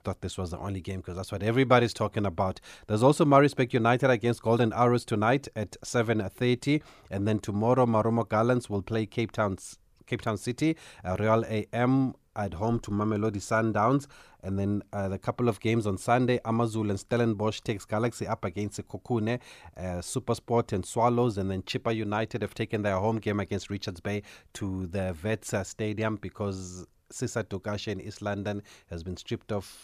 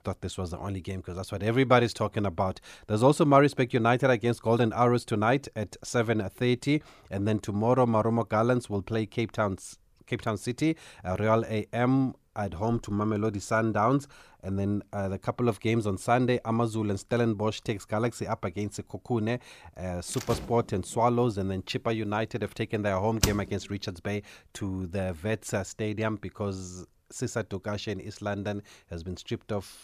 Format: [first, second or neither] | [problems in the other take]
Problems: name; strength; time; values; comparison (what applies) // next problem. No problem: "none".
first | door banging; noticeable; from 20 to 23 s; peak 1 dB below the speech